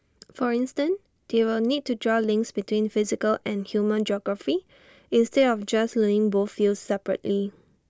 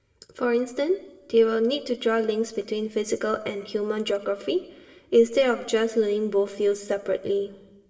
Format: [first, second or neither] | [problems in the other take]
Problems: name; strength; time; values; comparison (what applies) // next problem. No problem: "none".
first | room echo; dies away in 0.9 s